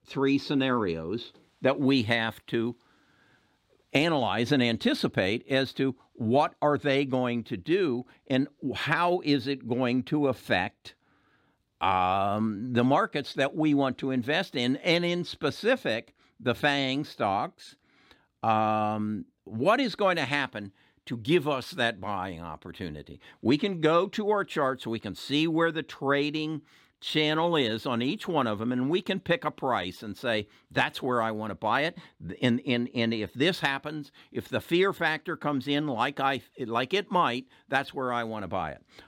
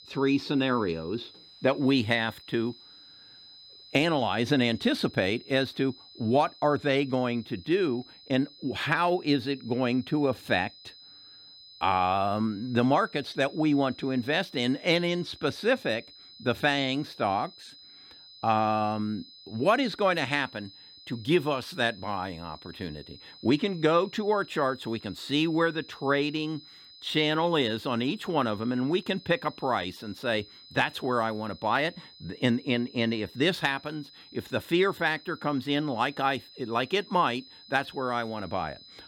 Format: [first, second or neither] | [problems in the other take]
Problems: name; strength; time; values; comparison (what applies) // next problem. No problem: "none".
first | high-pitched whine; faint; throughout; 4 kHz, 20 dB below the speech